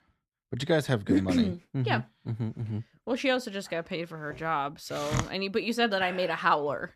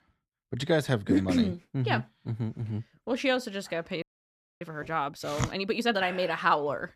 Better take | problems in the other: first | audio freezing; at 4 s for 0.5 s

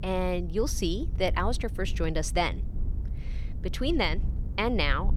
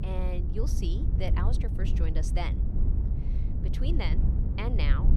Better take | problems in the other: first | low rumble; loud; throughout; 5 dB below the speech; faint in the first

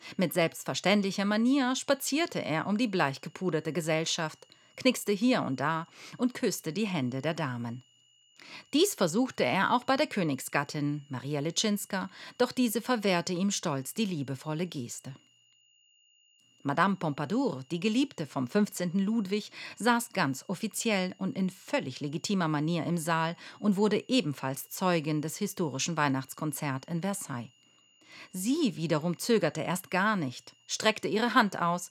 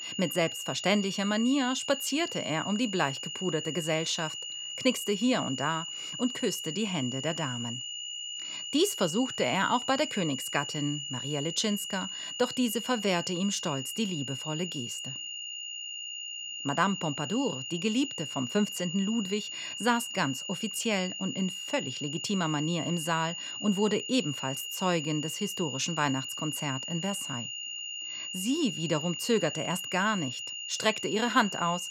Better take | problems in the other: first | high-pitched whine; loud; throughout; 3 kHz, 5 dB below the speech; faint in the first

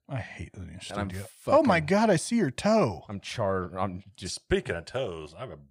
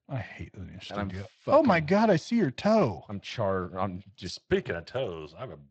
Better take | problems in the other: first | garbled, watery; slightly; nothing above 7.5 kHz

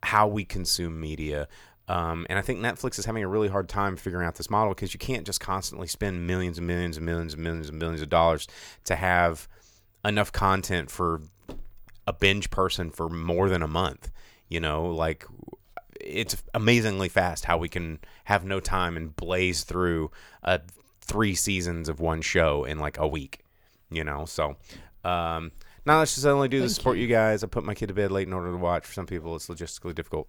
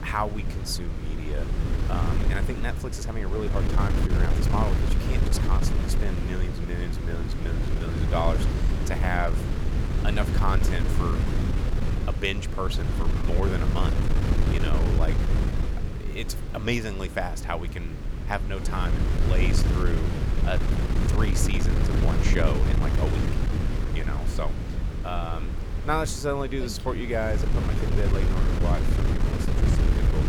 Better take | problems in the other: first | wind noise on the microphone; heavy; 4 dB below the speech

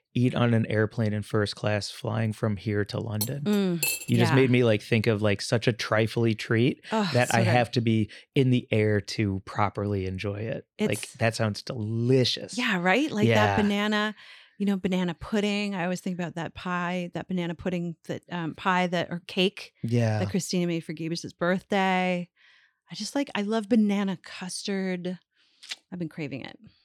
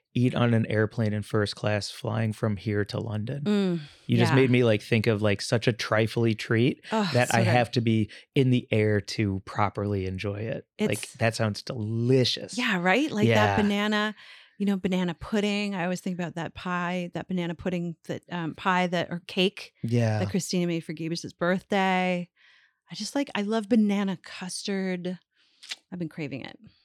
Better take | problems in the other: second | clattering dishes; noticeable; at 3 s; peak 1 dB below the speech

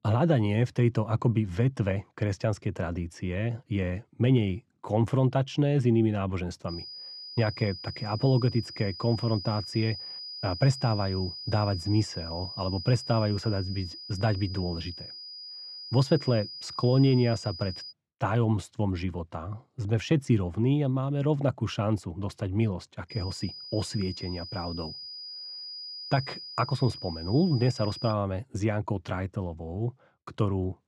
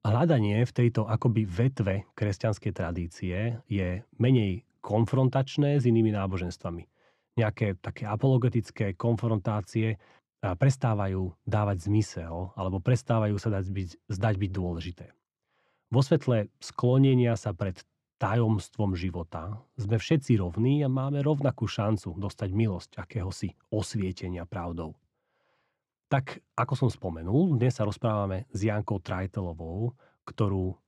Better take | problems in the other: second | high-pitched whine; noticeable; from 6.5 to 18 s and from 23 to 28 s; 5 kHz, 10 dB below the speech

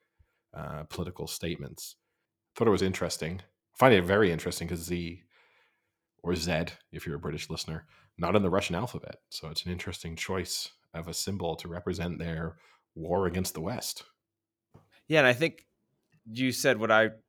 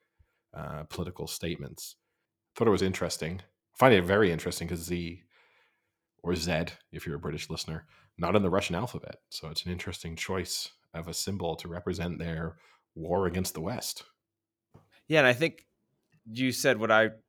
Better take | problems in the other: neither | none

